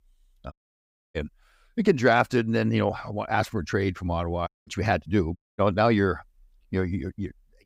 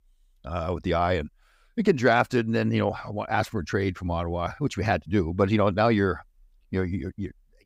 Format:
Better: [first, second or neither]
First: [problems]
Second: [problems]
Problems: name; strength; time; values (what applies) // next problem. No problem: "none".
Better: second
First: audio cutting out; at 0.5 s for 0.5 s, at 4.5 s and at 5.5 s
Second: none